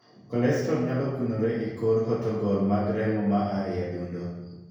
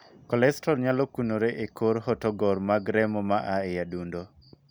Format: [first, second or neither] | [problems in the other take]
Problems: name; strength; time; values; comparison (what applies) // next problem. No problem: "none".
second | room echo; dies away in 1 s